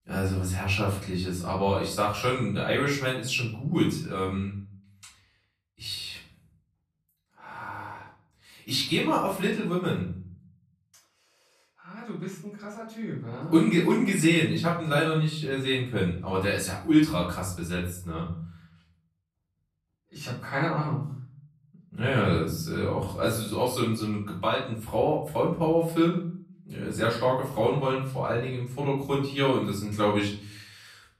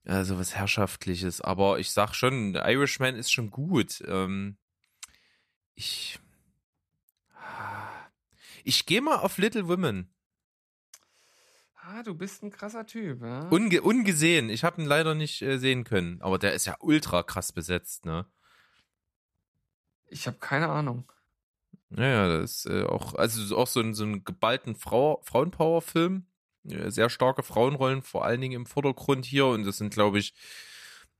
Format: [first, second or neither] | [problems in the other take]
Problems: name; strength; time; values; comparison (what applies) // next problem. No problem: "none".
second | off-mic speech; far // room echo; noticeable; dies away in 0.7 s